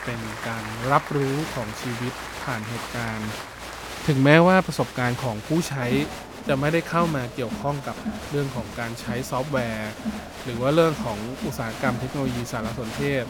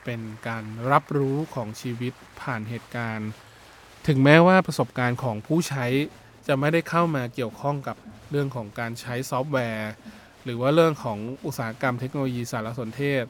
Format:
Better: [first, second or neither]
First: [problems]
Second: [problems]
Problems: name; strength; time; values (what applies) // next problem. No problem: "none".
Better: second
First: crowd noise; loud; throughout; 9 dB below the speech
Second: crowd noise; faint; throughout; 25 dB below the speech